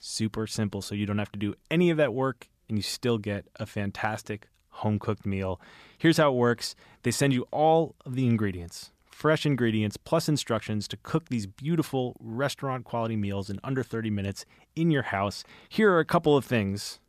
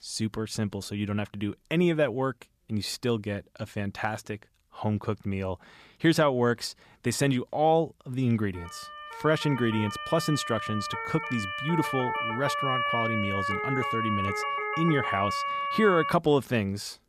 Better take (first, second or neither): first